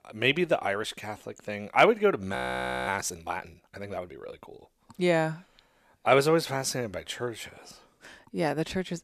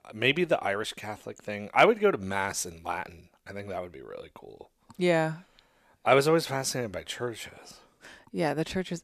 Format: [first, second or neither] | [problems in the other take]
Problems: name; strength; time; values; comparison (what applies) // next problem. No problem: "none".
second | audio freezing; at 2.5 s for 0.5 s